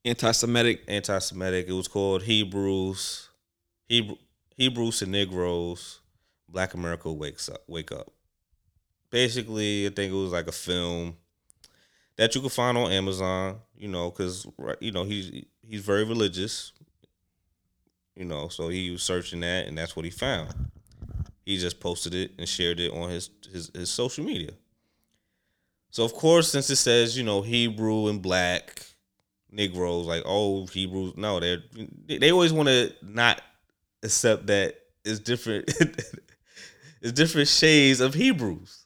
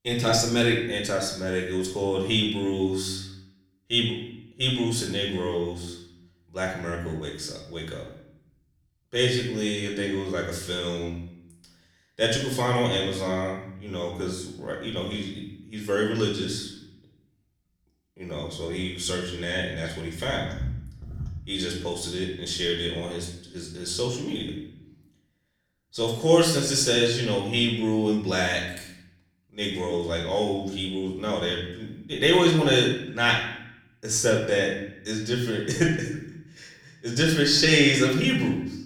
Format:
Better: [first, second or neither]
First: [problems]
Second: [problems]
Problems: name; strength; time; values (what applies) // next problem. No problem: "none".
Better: first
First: none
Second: room echo; noticeable; dies away in 0.7 s // off-mic speech; far